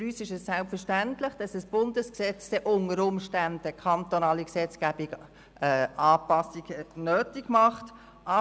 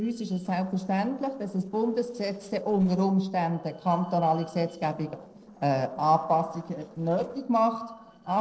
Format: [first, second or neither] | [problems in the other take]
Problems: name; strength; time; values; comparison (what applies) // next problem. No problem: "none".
first | noise reduction (neural separator model SepFormer DNS4)